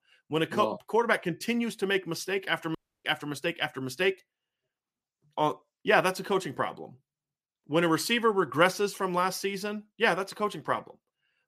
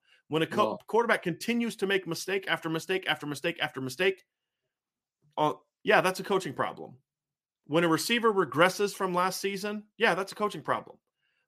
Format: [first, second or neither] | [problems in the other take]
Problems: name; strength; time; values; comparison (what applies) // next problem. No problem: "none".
second | audio cutting out; at 3 s